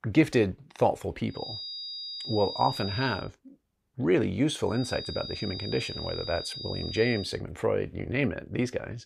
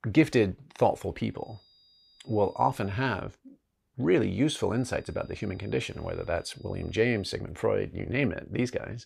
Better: second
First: high-pitched whine; loud; from 1.5 to 3 s and from 5 to 7.5 s; 5 kHz, 7 dB below the speech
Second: high-pitched whine; faint; from 1.5 to 3 s and from 5 to 7.5 s; 5 kHz, 30 dB below the speech

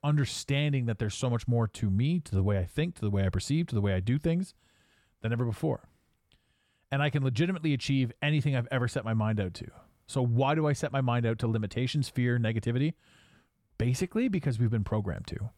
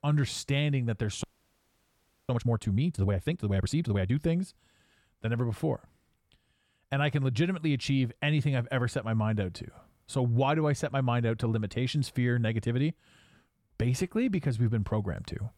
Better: first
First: none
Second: audio freezing; at 1 s for 1 s

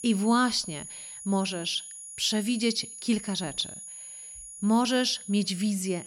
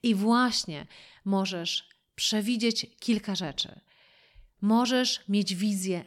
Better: second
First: high-pitched whine; noticeable; throughout; 10.5 kHz, 10 dB below the speech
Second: none

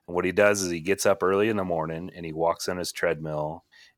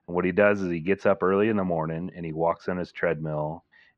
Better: first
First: none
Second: muffled; very; fading above 2.5 kHz

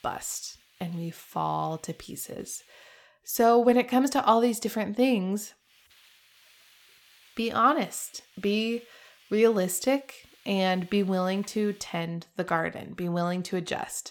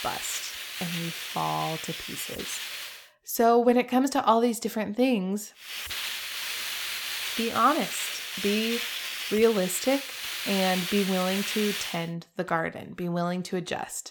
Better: first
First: hiss; faint; until 3 s and from 5.5 to 12 s; 30 dB below the speech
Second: hiss; loud; until 3 s and from 5.5 to 12 s; 4 dB below the speech

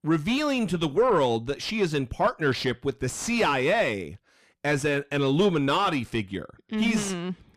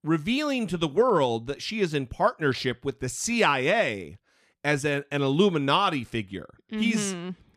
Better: second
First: distortion; slight; 10 dB below the speech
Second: none

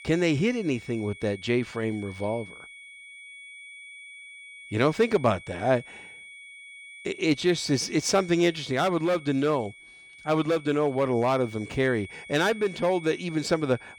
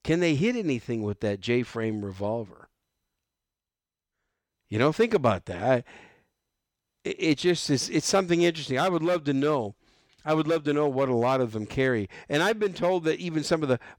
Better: second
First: high-pitched whine; noticeable; throughout; 2 kHz, 20 dB below the speech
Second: none

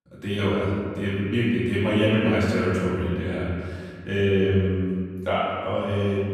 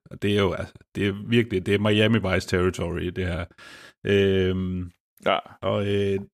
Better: second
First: off-mic speech; far // room echo; strong; dies away in 1.9 s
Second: none

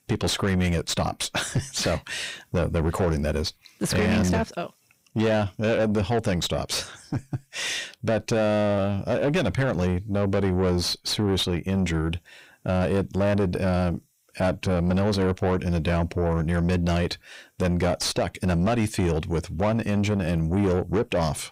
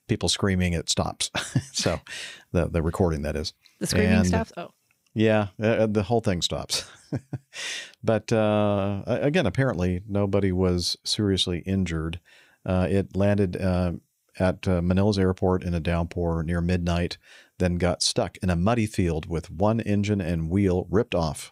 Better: second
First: distortion; heavy; 7 dB below the speech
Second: none

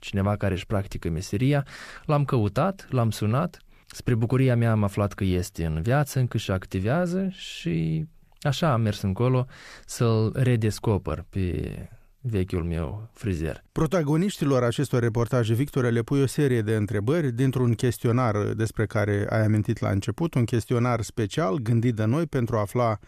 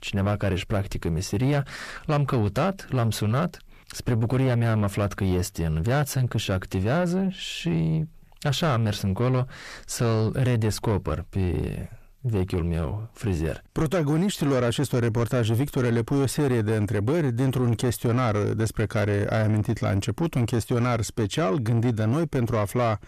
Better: first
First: none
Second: distortion; slight; 10 dB below the speech

